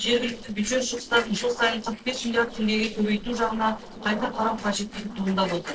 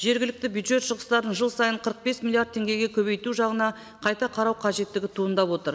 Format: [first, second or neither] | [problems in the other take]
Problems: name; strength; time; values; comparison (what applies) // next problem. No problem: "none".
second | noise reduction (neural separator model SepFormer DNS4)